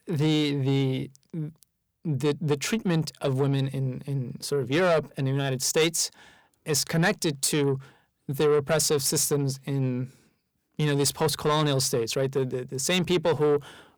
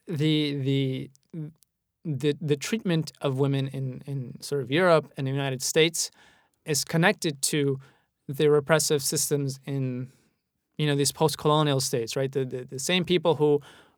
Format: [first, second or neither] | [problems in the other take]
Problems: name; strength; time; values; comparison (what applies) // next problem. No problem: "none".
second | distortion; slight; 10 dB below the speech